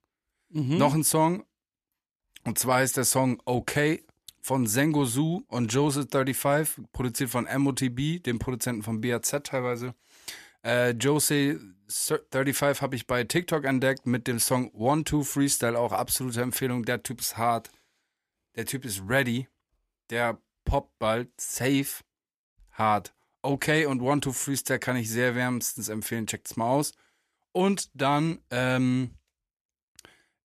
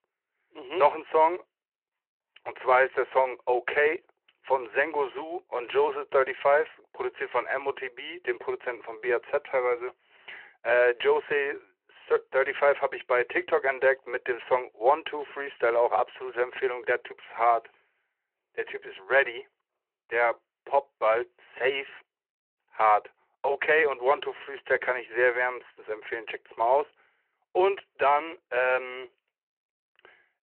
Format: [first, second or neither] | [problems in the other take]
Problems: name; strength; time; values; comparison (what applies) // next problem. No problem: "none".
first | phone-call audio